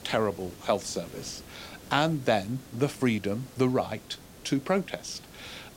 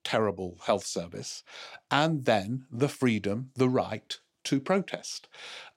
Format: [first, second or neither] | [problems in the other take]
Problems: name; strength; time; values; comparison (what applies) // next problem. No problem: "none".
second | hiss; noticeable; throughout; 20 dB below the speech